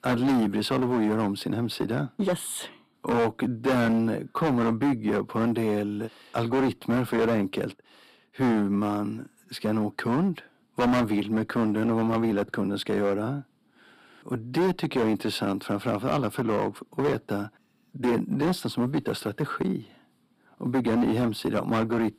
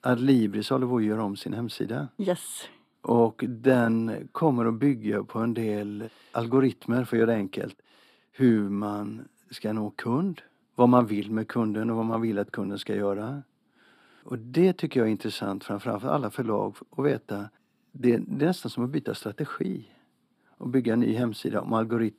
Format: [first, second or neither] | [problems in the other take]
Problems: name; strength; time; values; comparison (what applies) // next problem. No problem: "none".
second | distortion; heavy; 11% of the sound clipped